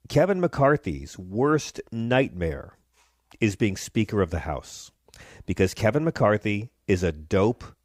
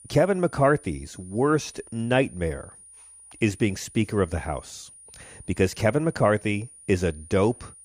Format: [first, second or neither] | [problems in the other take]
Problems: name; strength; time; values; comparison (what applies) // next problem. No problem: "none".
first | high-pitched whine; faint; throughout; 9.5 kHz, 20 dB below the speech